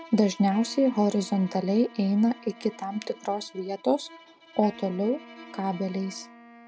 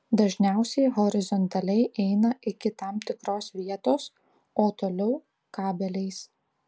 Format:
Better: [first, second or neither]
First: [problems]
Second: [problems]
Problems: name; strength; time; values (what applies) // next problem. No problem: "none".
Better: second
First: background sound (Bowed string instrument + Wind instrument, woodwind instrument); 20 dB below the speech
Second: none